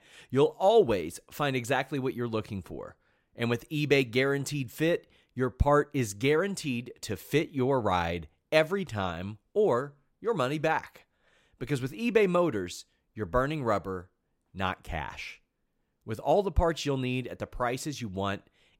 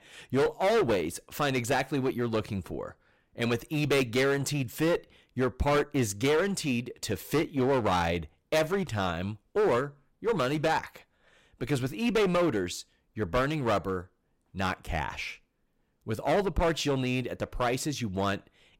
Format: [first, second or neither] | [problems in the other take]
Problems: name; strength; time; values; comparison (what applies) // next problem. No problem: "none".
first | distortion; heavy; 12% of the sound clipped